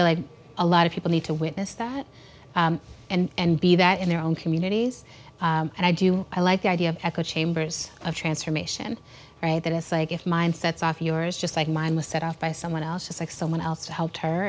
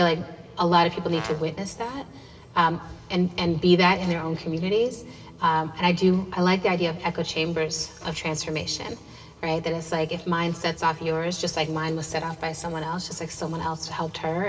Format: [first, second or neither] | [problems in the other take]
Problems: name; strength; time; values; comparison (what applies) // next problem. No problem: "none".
first | background sound (Brass instrument); 14 dB below the speech // room echo; dies away in 2.8 s